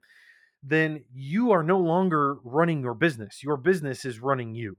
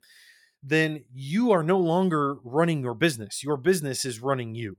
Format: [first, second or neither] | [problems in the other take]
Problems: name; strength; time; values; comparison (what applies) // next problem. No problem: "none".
second | muffled; slightly; fading above 3.5 kHz